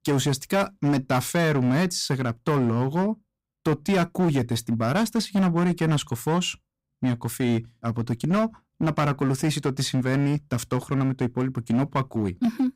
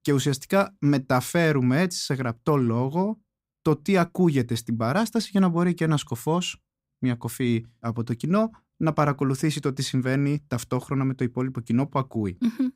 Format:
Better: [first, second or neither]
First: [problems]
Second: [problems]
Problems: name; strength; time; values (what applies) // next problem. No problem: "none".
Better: second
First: distortion; slight; 11% of the sound clipped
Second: none